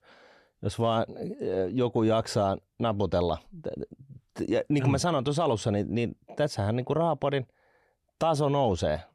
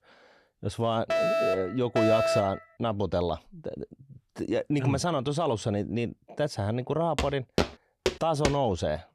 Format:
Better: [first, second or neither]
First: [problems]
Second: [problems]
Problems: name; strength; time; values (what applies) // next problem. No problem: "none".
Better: first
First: none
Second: alarm; loud; from 1 to 2.5 s; peak 4 dB above the speech // footsteps; noticeable; from 7 to 8.5 s; peak 1 dB below the speech